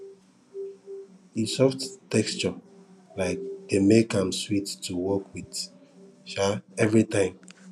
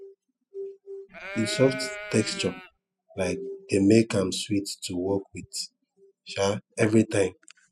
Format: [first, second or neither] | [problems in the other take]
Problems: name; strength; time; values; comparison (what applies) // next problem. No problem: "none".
first | noise reduction (classical method spectral subtraction)